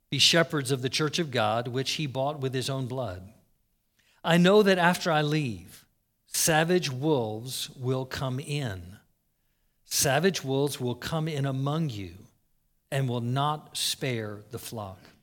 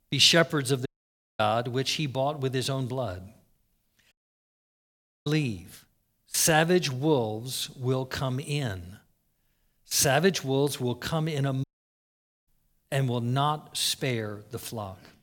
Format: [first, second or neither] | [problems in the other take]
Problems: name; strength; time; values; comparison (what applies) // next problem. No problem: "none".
first | audio cutting out; at 1 s for 0.5 s, at 4 s for 1 s and at 12 s for 1 s